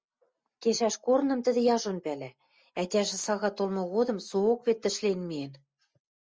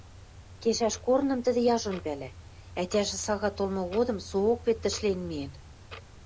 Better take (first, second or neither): first